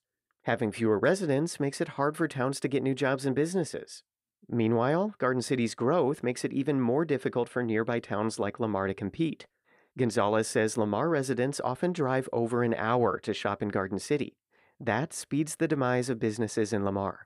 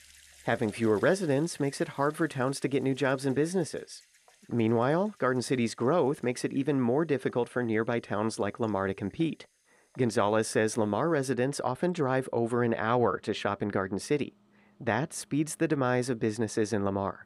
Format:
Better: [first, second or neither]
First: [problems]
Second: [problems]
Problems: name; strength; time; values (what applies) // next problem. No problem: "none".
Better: first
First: none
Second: household noises; faint; throughout; 30 dB below the speech